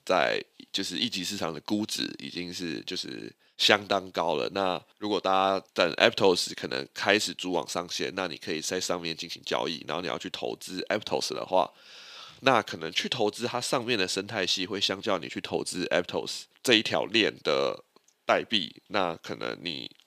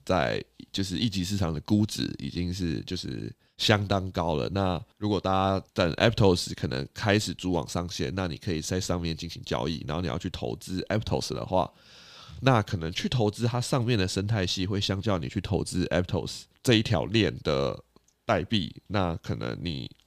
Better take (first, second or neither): second